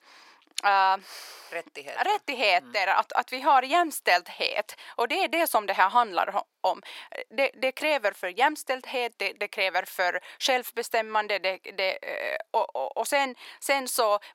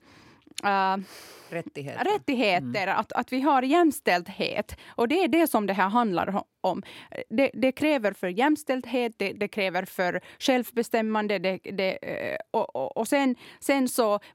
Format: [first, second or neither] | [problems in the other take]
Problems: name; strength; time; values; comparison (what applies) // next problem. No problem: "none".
second | thin; very; fading below 750 Hz